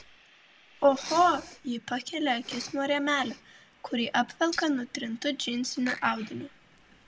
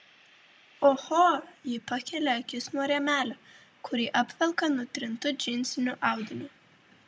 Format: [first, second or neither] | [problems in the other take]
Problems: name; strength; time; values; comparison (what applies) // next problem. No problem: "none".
second | background sound (Respiratory sounds); 17 dB below the speech